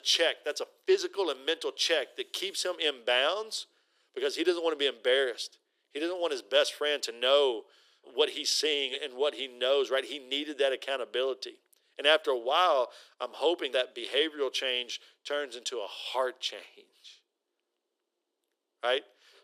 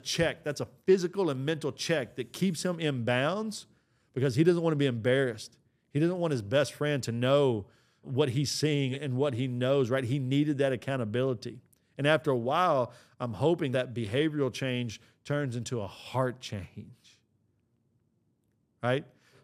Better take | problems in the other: second | thin; very; fading below 350 Hz

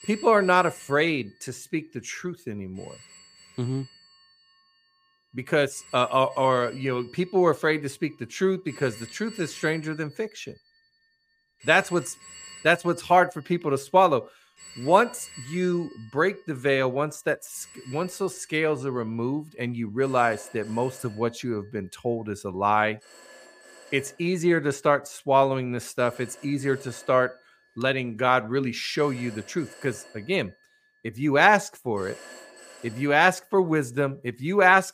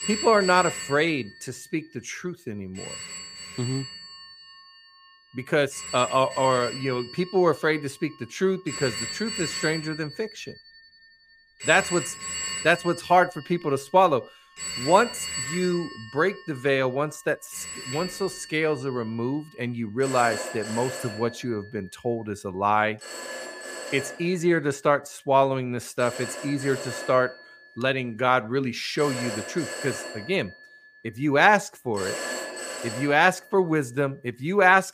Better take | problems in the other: first | alarms or sirens; loud; throughout; 9 dB below the speech; faint in the first

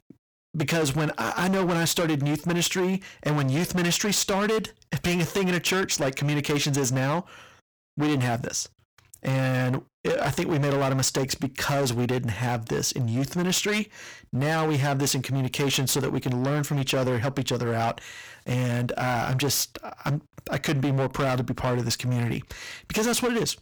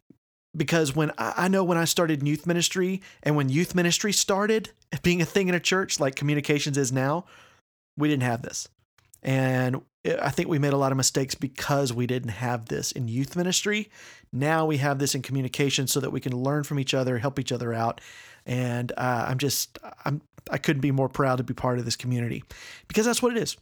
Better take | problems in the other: second | distortion; heavy; 22% of the sound clipped

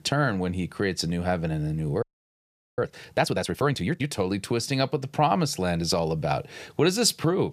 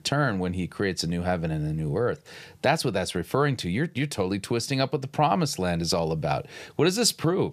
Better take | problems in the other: second | audio freezing; at 2 s for 1 s

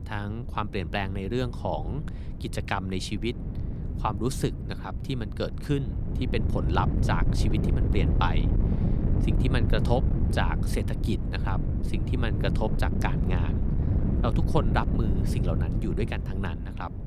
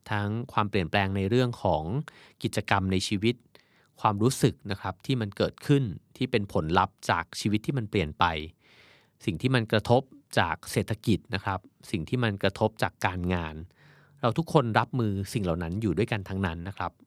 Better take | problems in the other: second | wind noise on the microphone; heavy; 6 dB below the speech

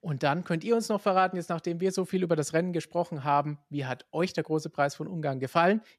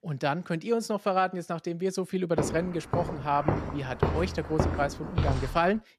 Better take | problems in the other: first | footsteps; loud; from 2.5 s on; peak 1 dB above the speech

